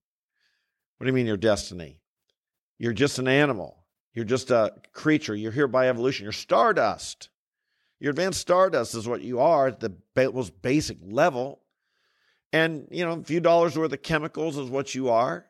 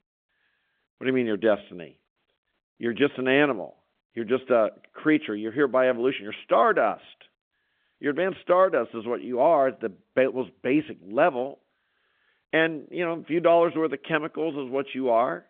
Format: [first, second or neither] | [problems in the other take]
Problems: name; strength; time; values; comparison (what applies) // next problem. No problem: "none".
first | phone-call audio; nothing above 3.5 kHz